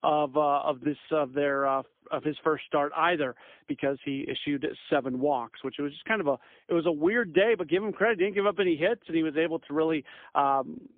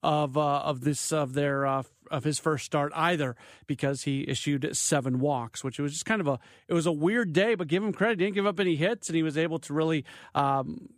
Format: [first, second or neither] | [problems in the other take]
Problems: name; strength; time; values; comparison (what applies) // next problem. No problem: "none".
second | phone-call audio; poor line; nothing above 3.5 kHz